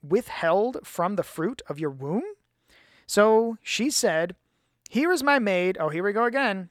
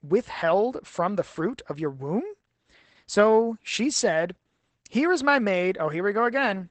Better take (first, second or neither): first